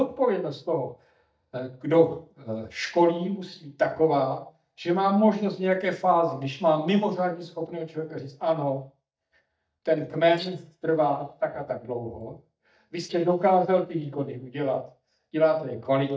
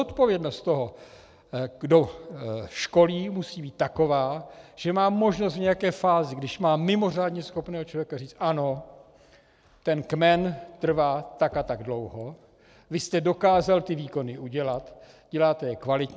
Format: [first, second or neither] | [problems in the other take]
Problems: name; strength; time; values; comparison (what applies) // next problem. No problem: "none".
second | noise reduction (neural mask model DeepFilterNet 3)